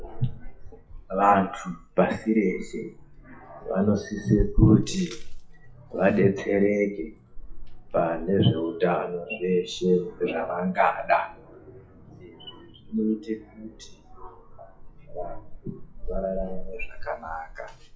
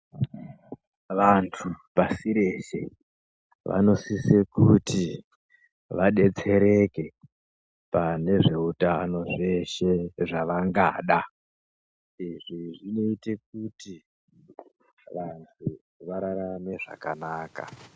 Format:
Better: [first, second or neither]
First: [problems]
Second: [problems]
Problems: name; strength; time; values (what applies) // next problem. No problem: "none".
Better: second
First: noise reduction (classical method WPE with log-MMSE)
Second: none